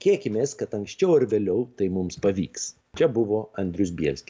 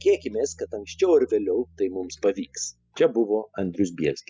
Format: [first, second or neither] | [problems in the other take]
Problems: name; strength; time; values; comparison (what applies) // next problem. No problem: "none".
first | noise reduction (classical method spectral subtraction)